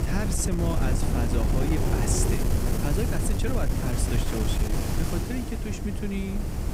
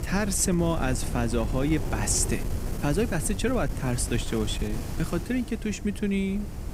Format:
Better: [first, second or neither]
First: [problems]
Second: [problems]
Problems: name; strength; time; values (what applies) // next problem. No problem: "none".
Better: second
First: wind noise on the microphone; heavy; as loud as the speech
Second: wind noise on the microphone; occasional gusts; 10 dB below the speech